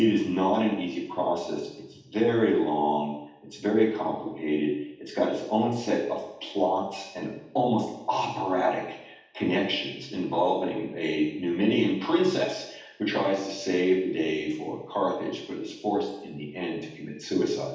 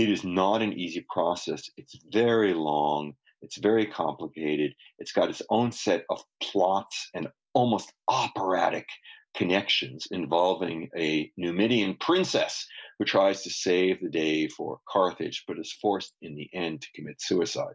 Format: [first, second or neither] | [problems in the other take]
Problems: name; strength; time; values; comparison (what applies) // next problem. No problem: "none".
second | room echo; dies away in 0.8 s